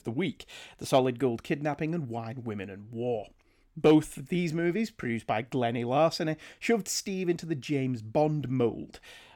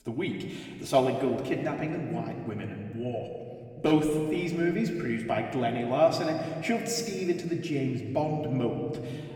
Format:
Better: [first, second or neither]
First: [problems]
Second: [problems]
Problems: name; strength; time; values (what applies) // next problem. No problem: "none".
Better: first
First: none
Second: room echo; slight; dies away in 2 s // off-mic speech; far